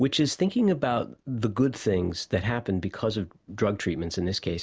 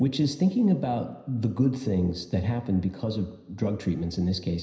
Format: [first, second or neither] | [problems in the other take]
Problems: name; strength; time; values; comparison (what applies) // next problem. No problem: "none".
first | room echo; dies away in 0.9 s